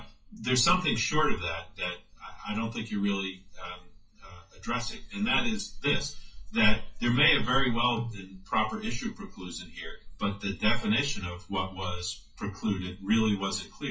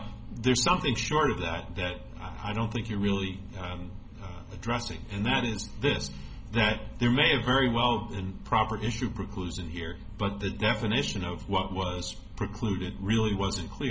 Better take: second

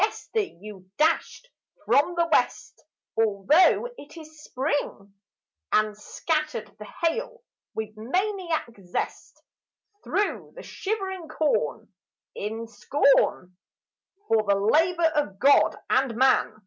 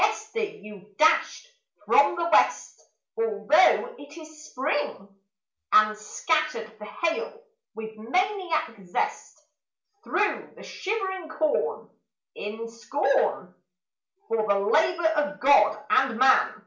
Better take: first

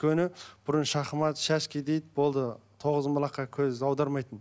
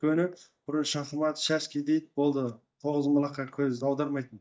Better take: first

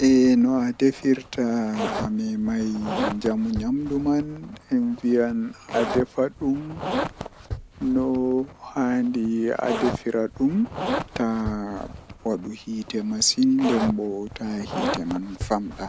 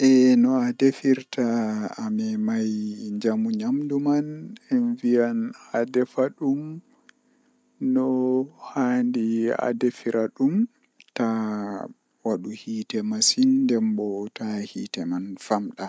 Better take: second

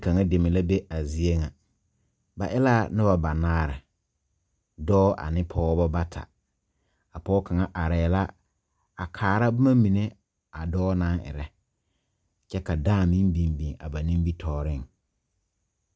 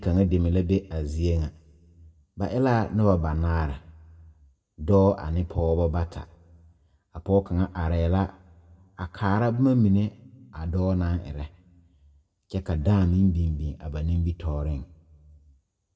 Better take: first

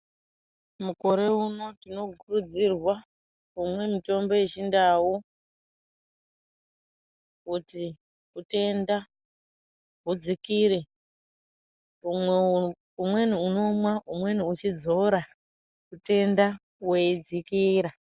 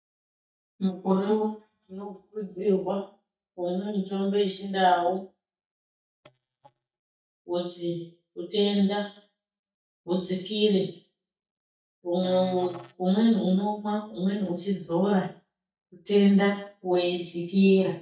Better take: first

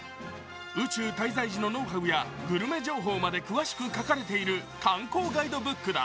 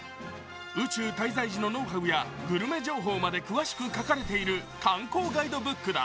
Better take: first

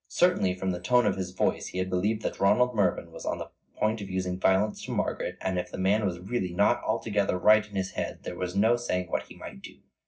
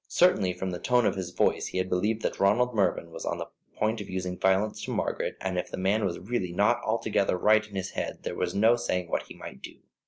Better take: second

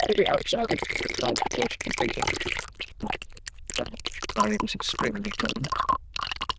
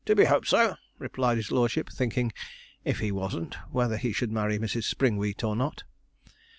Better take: second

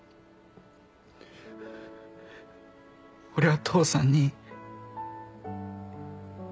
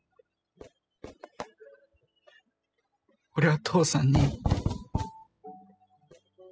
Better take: first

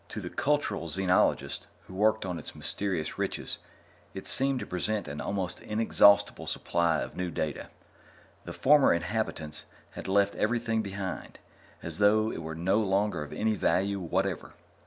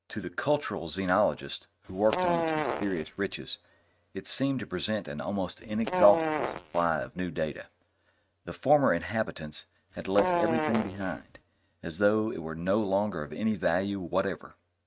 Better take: first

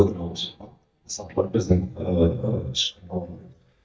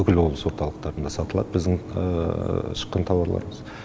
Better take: second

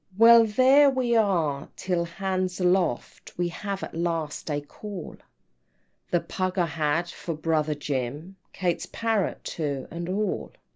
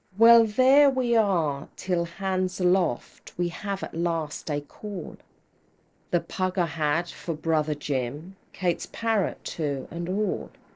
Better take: first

